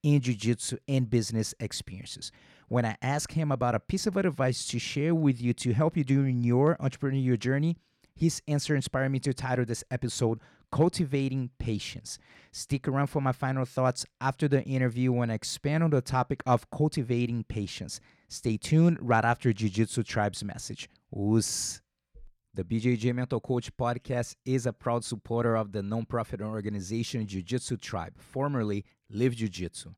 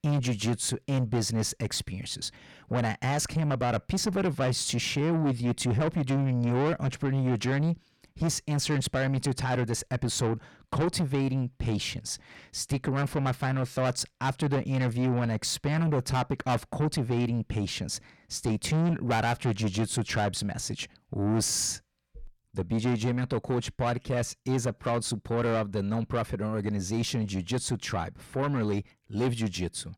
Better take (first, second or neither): first